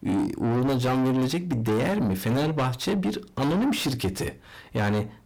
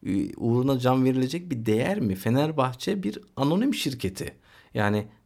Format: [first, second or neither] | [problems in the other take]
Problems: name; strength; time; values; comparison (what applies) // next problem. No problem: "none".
second | distortion; heavy; 7 dB below the speech